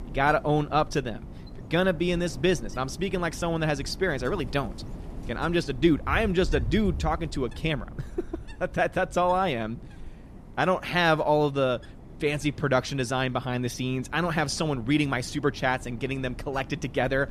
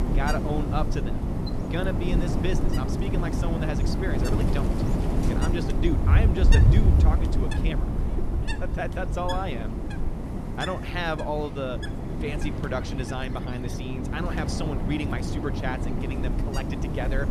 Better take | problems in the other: first | wind noise on the microphone; heavy; 2 dB below the speech; occasional gusts in the first

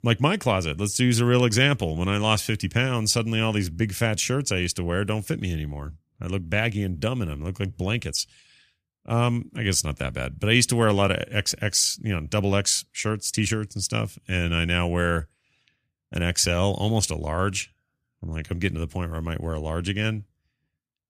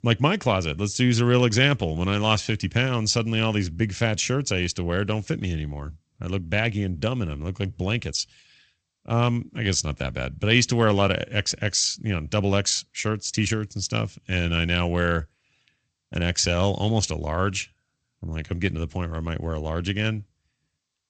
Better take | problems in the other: first | garbled, watery; slightly; nothing above 8 kHz

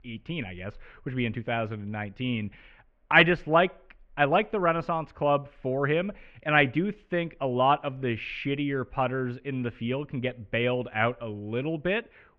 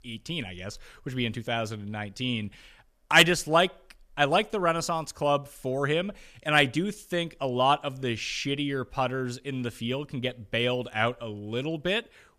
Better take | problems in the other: second | muffled; very; fading above 2.5 kHz

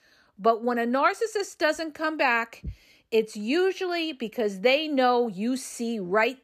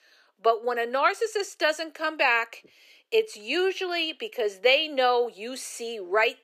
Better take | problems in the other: first | thin; somewhat; fading below 400 Hz

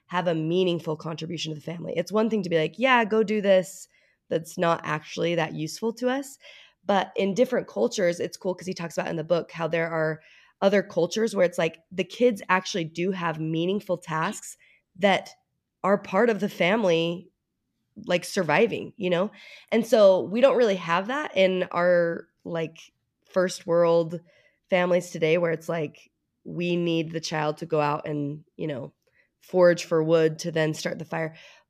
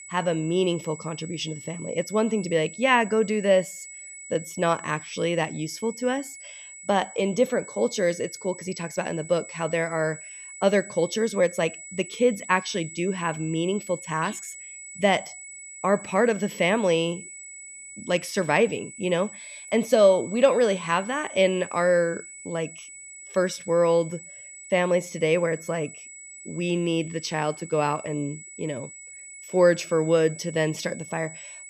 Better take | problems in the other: first | high-pitched whine; noticeable; throughout; 8 kHz, 15 dB below the speech

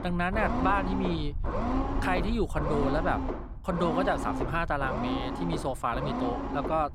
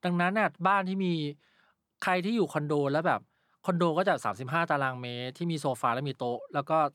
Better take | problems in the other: second | low rumble; loud; throughout; 4 dB below the speech

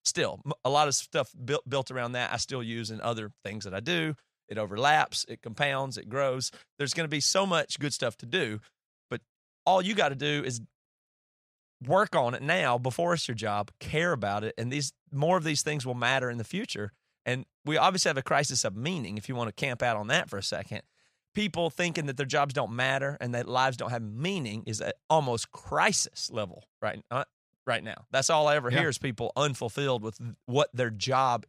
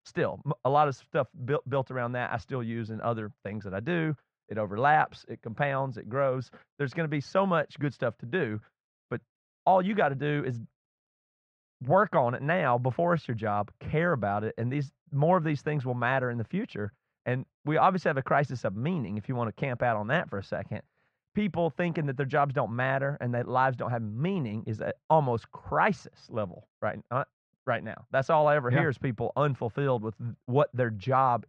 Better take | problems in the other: first | muffled; very; fading above 1.5 kHz

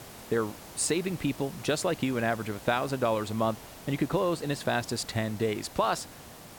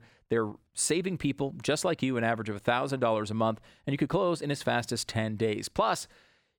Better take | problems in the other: second | hiss; noticeable; throughout; 15 dB below the speech

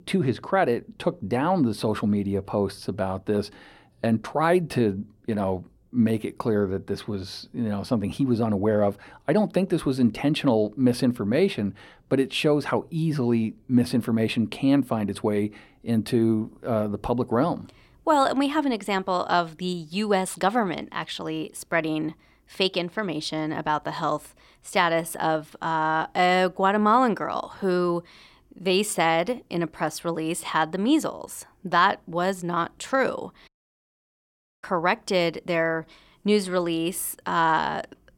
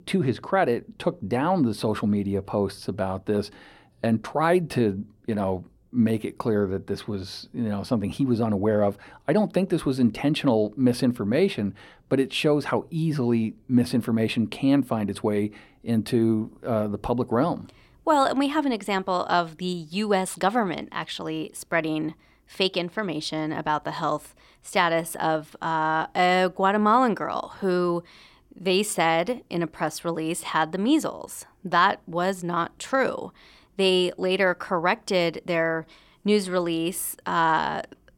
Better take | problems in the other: second | audio cutting out; at 33 s for 1 s

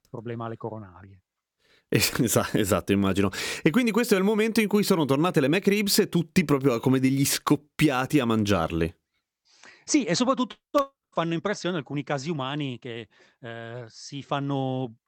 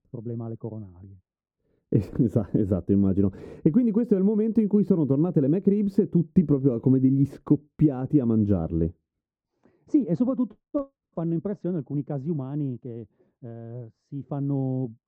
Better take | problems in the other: first | muffled; very; fading above 1 kHz

